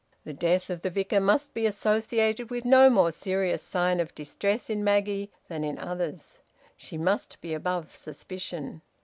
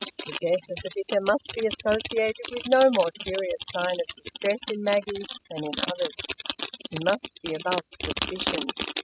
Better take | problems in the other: first | noise reduction (classical method spectral subtraction)

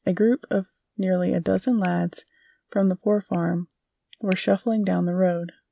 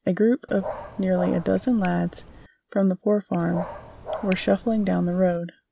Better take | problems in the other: first | background sound (Dog); 13 dB below the speech

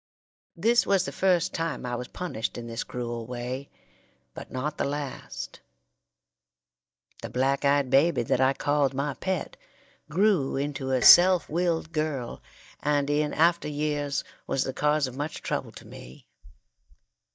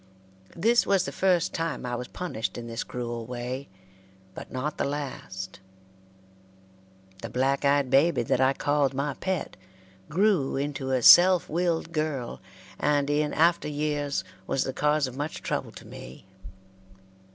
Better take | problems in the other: second | noise reduction (neural mask model DeepFilterNet 3)

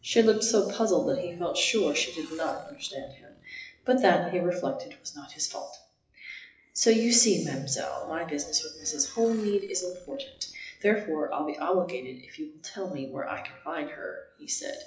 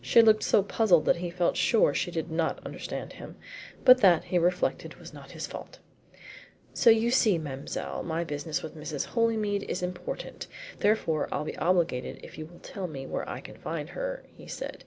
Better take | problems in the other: second | noise reduction (classical method WPE with log-MMSE)

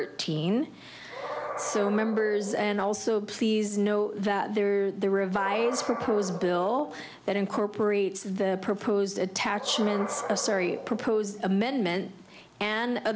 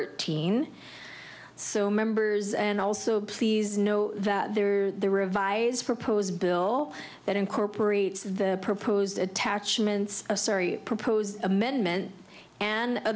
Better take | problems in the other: second | background sound (Animal); 12 dB below the speech

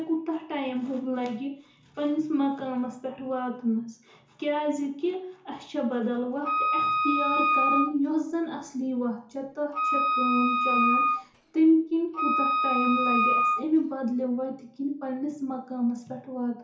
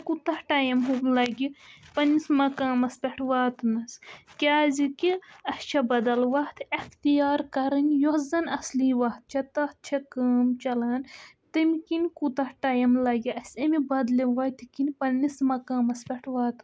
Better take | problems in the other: second | background sound (Wind instrument, woodwind instrument); 3 dB above the speech // room echo; dies away in 0.7 s

